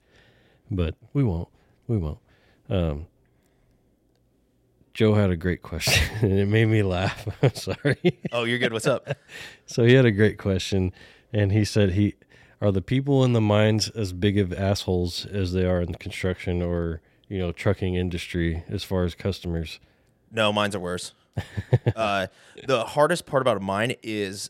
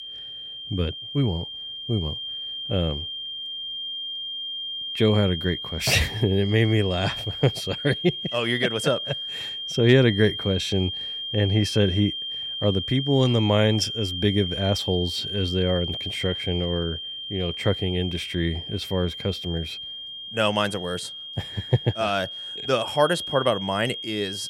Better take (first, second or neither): first